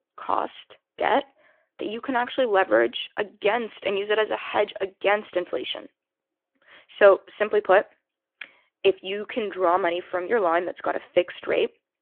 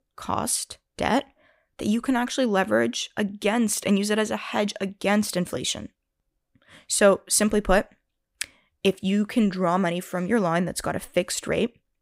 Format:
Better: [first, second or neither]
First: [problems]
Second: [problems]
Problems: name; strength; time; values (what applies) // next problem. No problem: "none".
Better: second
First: phone-call audio; nothing above 3.5 kHz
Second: none